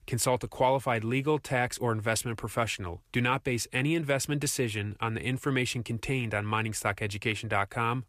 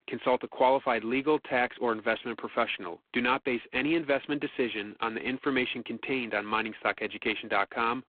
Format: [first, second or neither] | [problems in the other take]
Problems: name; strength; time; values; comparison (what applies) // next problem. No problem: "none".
first | phone-call audio; poor line